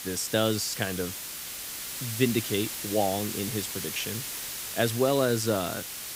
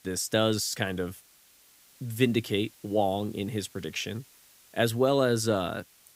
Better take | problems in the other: second | hiss; loud; throughout; 5 dB below the speech; faint in the second

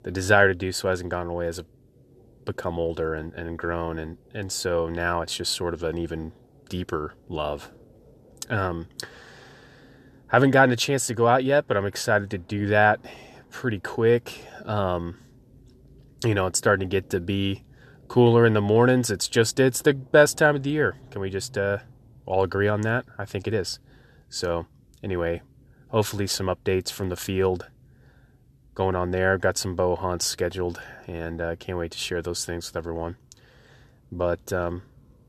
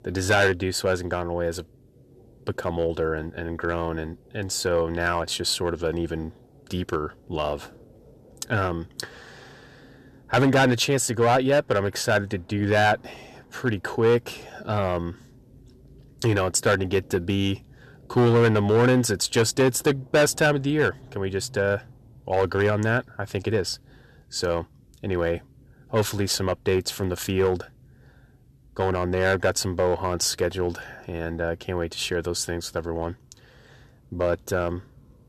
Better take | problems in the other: first | distortion; slight; 3% of the sound clipped

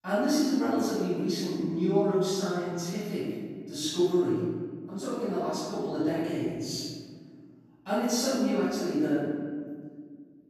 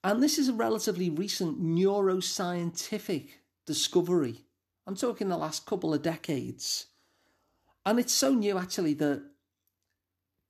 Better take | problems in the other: second | off-mic speech; far // room echo; strong; dies away in 1.7 s

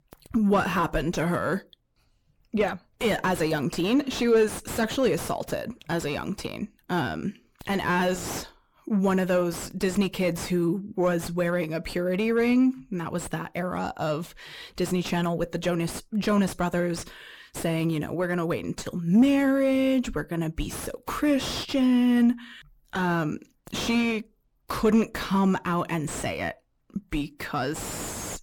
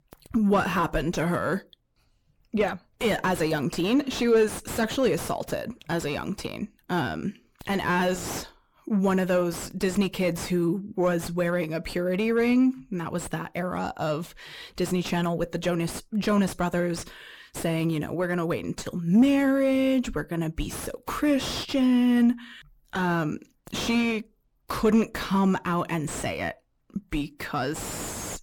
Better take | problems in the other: neither | distortion; heavy; 5 dB below the speech; the same in both

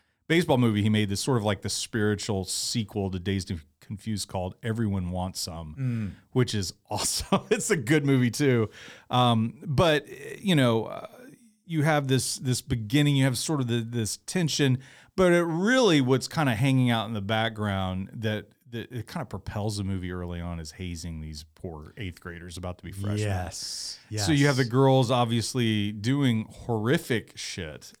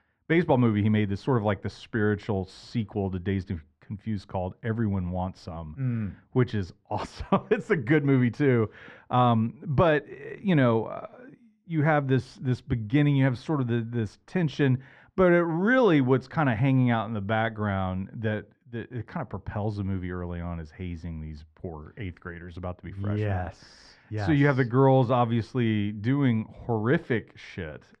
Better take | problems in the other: first | muffled; very; fading above 1.5 kHz

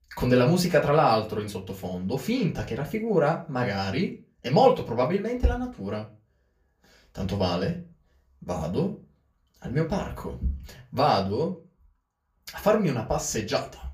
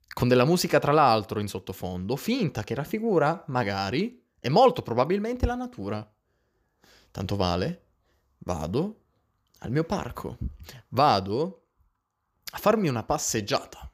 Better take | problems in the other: second | off-mic speech; far // room echo; very slight; dies away in 0.2 s

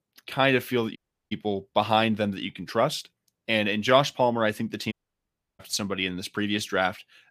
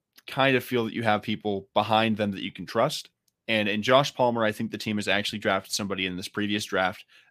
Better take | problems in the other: second | audio cutting out; at 1 s and at 5 s for 0.5 s

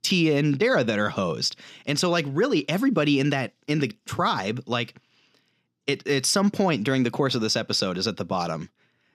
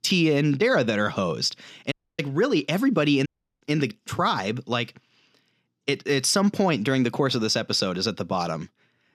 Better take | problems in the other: first | audio cutting out; at 2 s and at 3.5 s

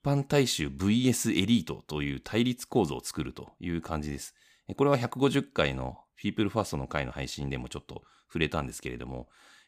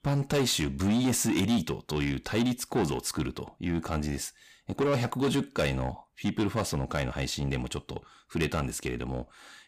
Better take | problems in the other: first | distortion; heavy; 7 dB below the speech

